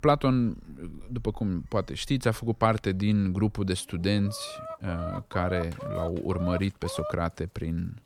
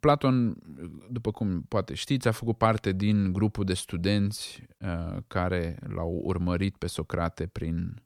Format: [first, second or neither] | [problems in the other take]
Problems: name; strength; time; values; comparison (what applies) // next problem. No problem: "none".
second | animal sounds; noticeable; throughout; 10 dB below the speech